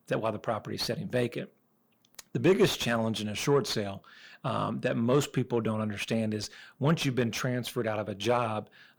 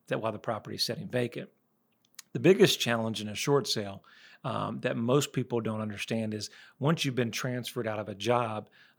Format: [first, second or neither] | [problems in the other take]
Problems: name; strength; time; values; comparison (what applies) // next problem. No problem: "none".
second | distortion; slight; 10 dB below the speech